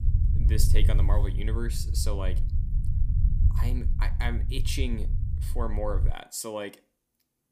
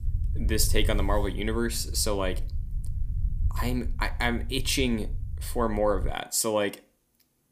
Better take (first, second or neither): second